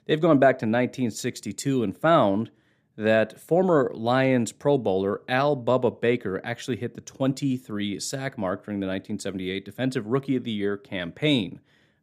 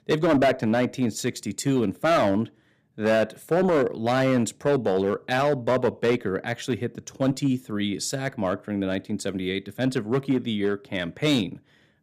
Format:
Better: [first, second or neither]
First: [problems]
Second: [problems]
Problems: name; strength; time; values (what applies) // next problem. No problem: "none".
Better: first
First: none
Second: distortion; slight; 5% of the sound clipped